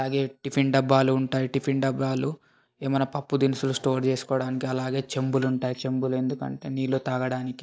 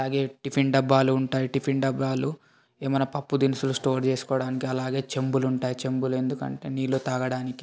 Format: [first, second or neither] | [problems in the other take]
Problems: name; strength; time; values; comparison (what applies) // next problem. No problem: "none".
second | noise reduction (neural mask model DeepFilterNet 3)